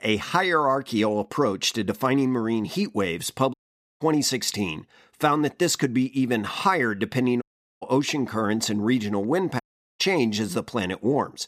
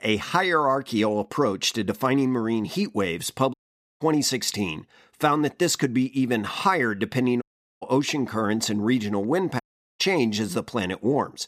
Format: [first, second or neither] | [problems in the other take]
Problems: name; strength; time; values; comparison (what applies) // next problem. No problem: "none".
neither | audio cutting out; at 3.5 s, at 7.5 s and at 9.5 s; the same in both